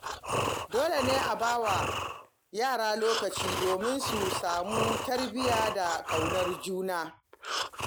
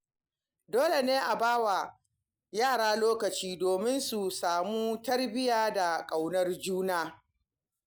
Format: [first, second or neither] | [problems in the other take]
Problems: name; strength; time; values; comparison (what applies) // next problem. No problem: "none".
second | background sound (Breathing); 3 dB below the speech